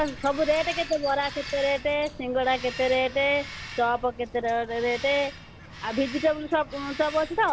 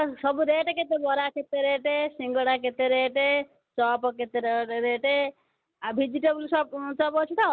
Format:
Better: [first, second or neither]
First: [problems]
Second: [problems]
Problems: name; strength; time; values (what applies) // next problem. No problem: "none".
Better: second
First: background sound (Bird vocalization, bird call, bird song); 13 dB below the speech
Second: none